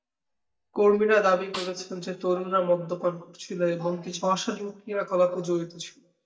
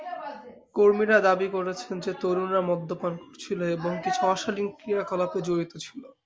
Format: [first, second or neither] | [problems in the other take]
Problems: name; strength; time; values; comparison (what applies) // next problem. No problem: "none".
second | noise reduction (neural mask model DeepFilterNet 3)